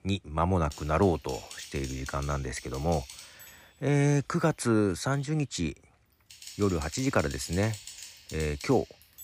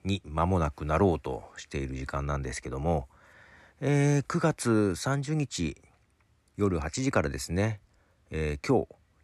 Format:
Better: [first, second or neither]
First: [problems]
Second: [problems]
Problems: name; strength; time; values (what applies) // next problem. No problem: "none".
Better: second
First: keyboard typing; faint; from 0.5 s on; peak 10 dB below the speech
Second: none